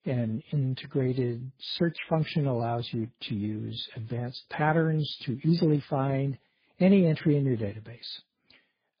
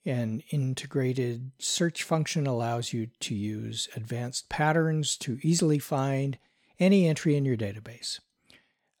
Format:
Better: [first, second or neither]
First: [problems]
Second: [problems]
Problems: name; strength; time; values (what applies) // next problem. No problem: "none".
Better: second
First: garbled, watery; badly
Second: none